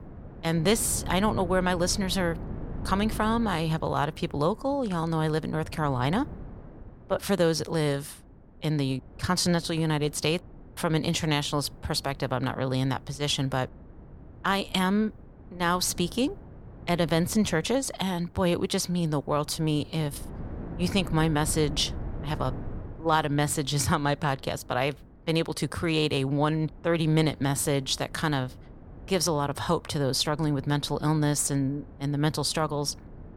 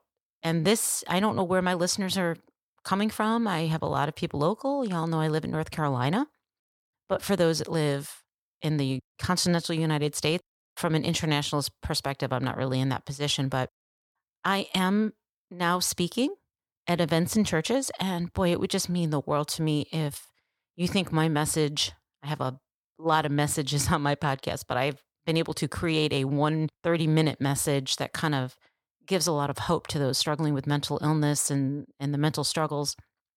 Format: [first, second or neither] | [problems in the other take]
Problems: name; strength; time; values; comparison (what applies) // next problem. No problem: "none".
second | wind noise on the microphone; occasional gusts; 20 dB below the speech